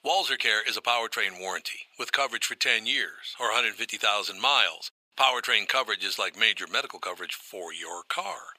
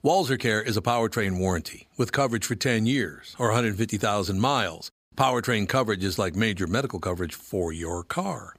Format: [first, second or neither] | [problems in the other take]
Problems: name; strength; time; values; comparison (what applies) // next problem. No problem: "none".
second | thin; very; fading below 800 Hz